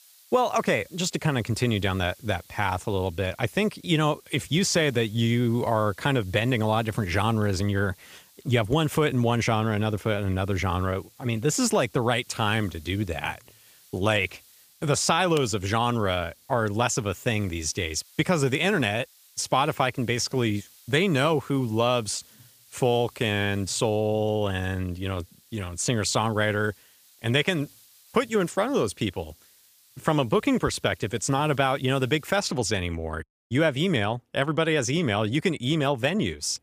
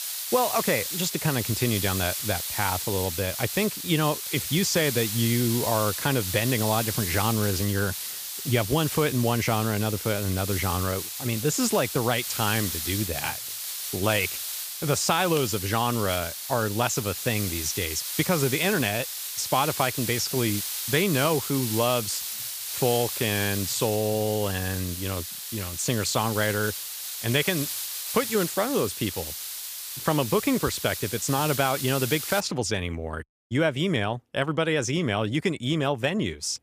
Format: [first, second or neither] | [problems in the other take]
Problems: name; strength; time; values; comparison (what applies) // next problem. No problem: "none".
first | hiss; loud; until 32 s; 4 dB below the speech; faint in the first